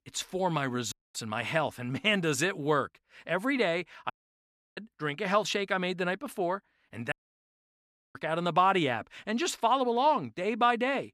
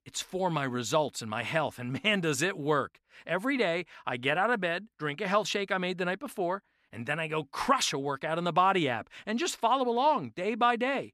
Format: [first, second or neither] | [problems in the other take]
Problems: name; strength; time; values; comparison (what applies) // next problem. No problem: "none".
second | audio cutting out; at 1 s, at 4 s for 0.5 s and at 7 s for 1 s